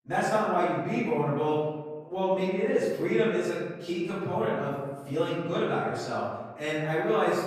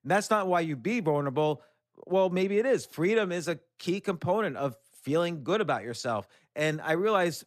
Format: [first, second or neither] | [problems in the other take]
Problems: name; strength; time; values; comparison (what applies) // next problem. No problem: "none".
second | off-mic speech; far // room echo; strong; dies away in 1.2 s